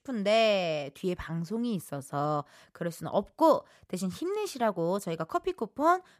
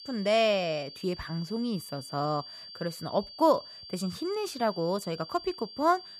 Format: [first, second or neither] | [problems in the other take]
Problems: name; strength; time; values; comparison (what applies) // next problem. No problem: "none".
first | high-pitched whine; noticeable; throughout; 4.5 kHz, 15 dB below the speech